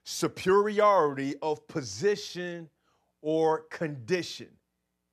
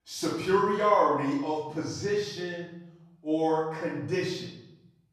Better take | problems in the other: first | off-mic speech; far // room echo; noticeable; dies away in 0.8 s

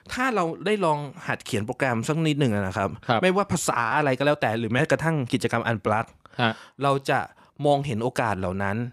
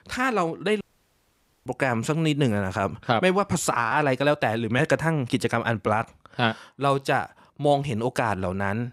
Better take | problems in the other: first | audio cutting out; at 1 s for 1 s

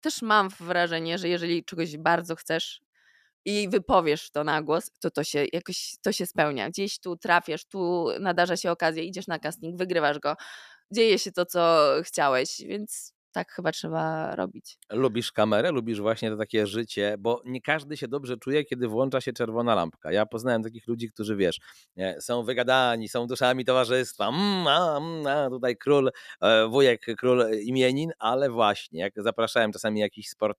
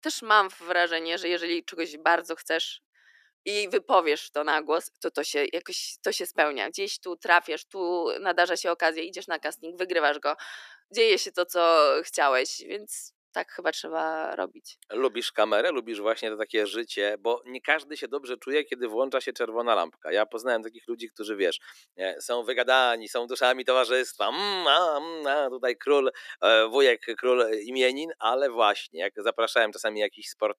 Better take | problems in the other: first | thin; somewhat; fading below 300 Hz

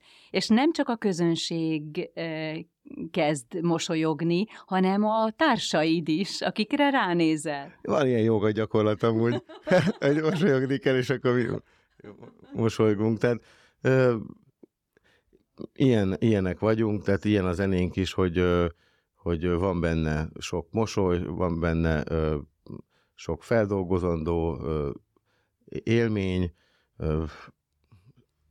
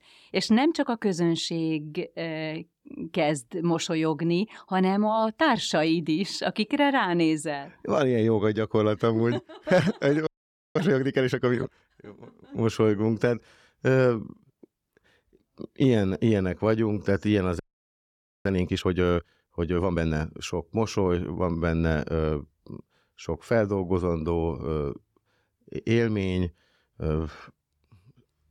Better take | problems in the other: first | audio freezing; at 10 s and at 18 s for 1 s

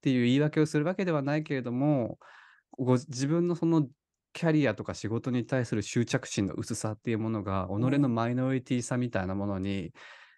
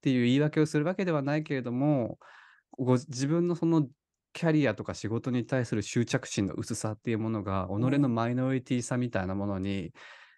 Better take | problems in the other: neither | none

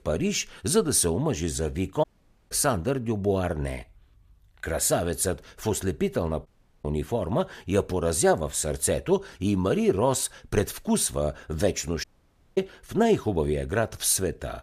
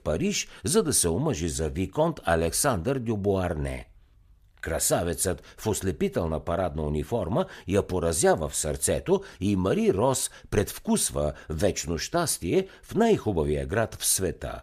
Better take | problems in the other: second | audio cutting out; at 2 s, at 6.5 s and at 12 s for 0.5 s

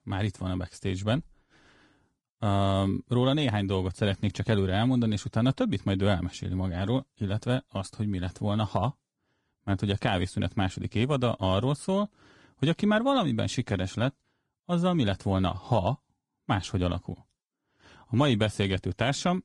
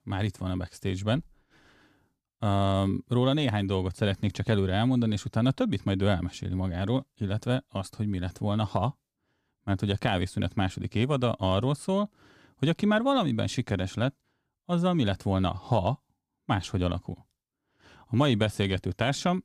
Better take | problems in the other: second | garbled, watery; slightly; nothing above 10 kHz

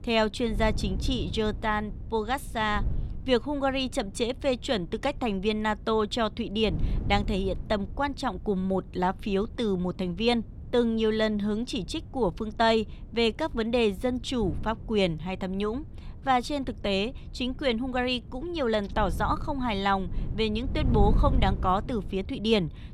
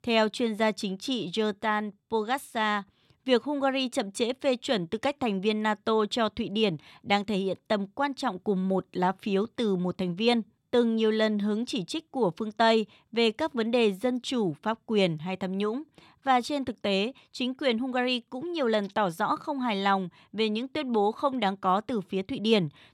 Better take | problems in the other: second | wind noise on the microphone; occasional gusts; 20 dB below the speech

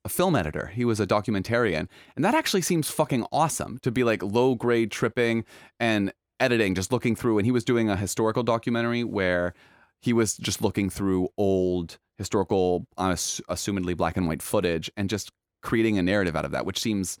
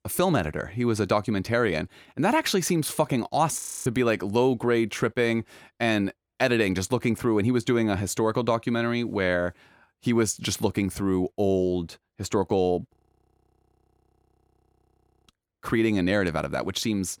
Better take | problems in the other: first | audio freezing; at 3.5 s and at 13 s for 2.5 s

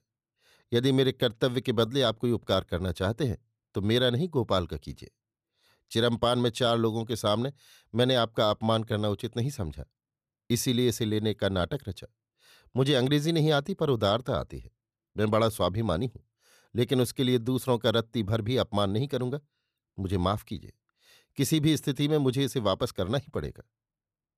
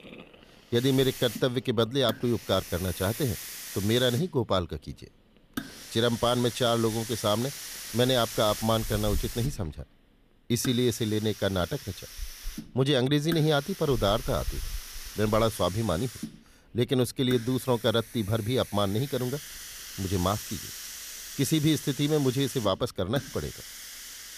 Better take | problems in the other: first | hiss; noticeable; throughout; 10 dB below the speech

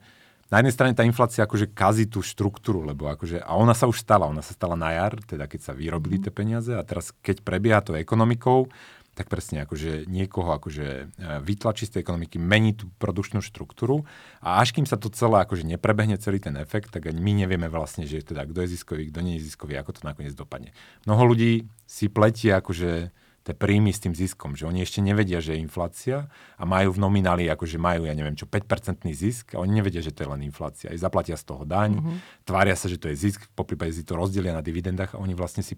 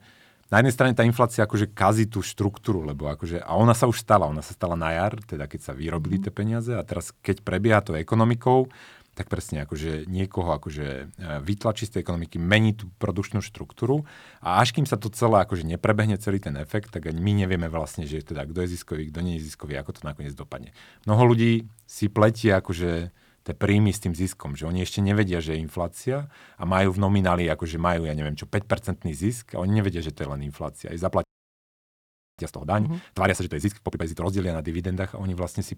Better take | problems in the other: first | audio freezing; at 31 s for 1 s

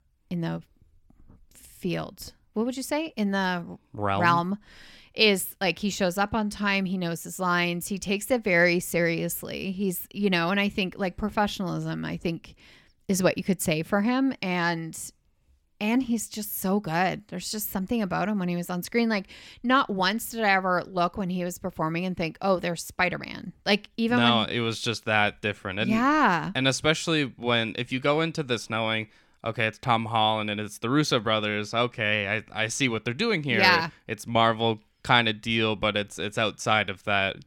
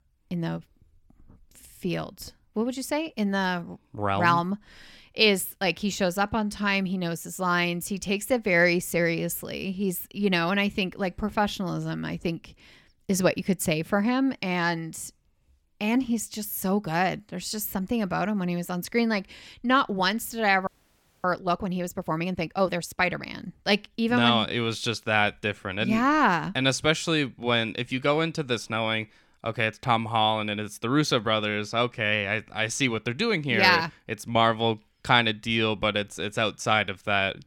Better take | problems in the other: first | audio freezing; at 21 s for 0.5 s

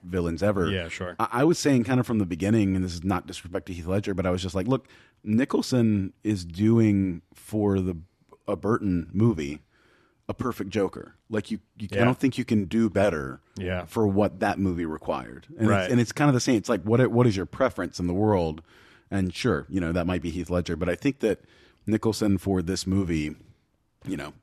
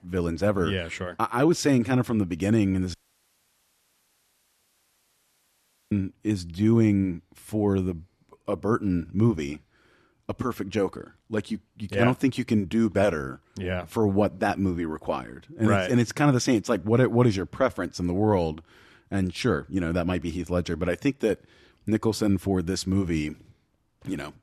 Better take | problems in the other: first | audio cutting out; at 3 s for 3 s

